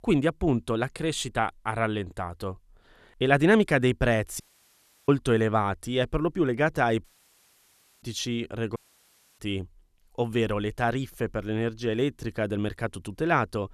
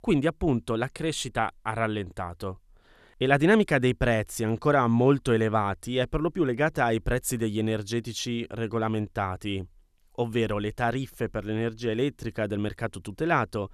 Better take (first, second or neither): second